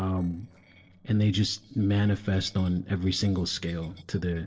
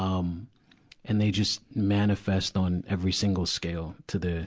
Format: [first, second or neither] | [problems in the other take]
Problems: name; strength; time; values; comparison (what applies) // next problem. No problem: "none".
second | noise reduction (neural separator model SepFormer DNS4)